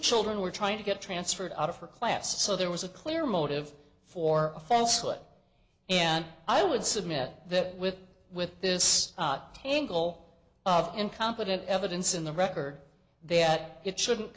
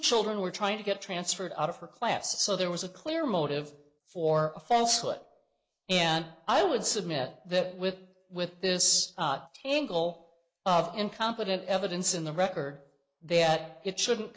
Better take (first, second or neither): first